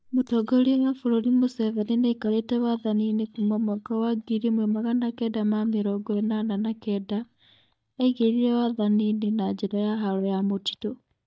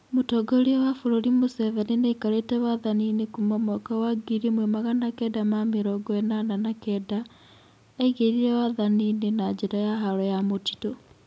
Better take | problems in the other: second | noise reduction (neural mask model DeepFilterNet 3)

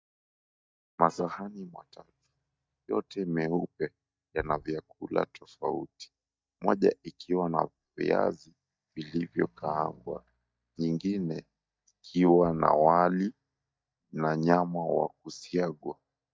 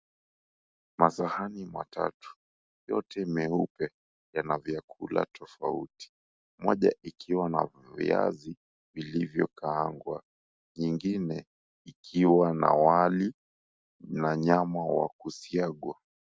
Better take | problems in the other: second | noise reduction (neural mask model DeepFilterNet 3)

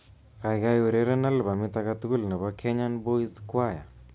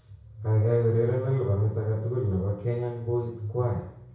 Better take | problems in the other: first | room echo; dies away in 0.6 s

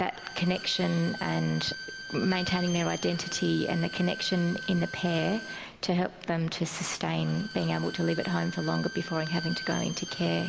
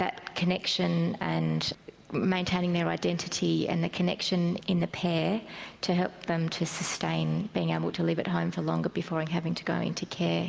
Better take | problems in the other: second | background sound (Bowed string instrument); 11 dB below the speech

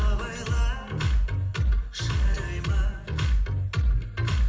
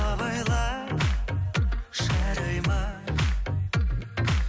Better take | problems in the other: second | room echo; dies away in 0.6 s

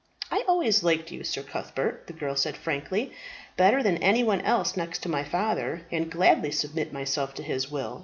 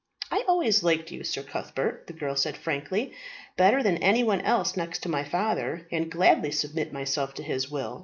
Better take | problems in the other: first | noise reduction (neural mask model Resemble Enhance denoiser)

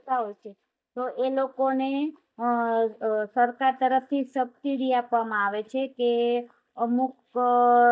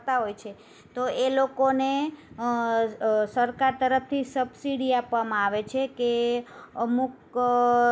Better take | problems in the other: second | noise reduction (neural mask model DeepFilterNet 3)

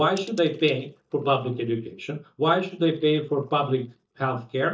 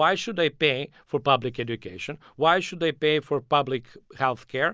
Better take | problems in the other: second | noise reduction (neural mask model DeepFilterNet 3)

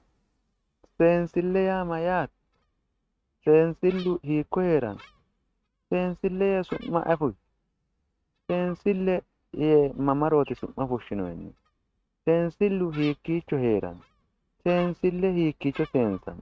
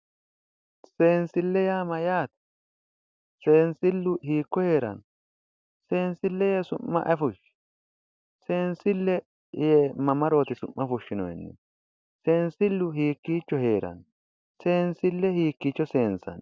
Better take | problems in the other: second | noise reduction (neural mask model RNNoise)

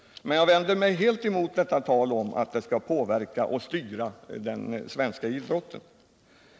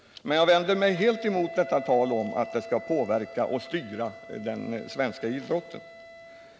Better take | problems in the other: first | background sound (Wind instrument, woodwind instrument); 15 dB below the speech

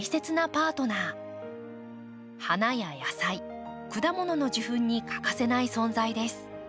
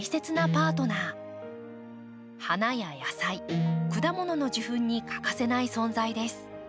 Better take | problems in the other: first | background sound (Guitar); 2 dB below the speech

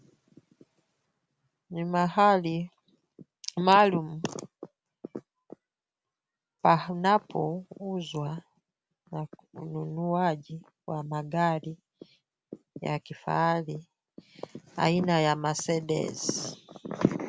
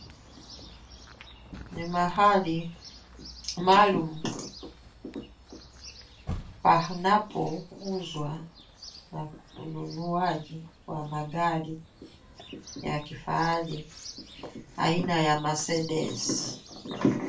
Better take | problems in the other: first | background sound (Chirp, tweet); 17 dB below the speech // room echo; dies away in 0.2 s

